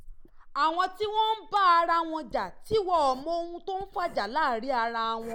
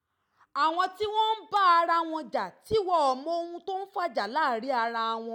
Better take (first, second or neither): second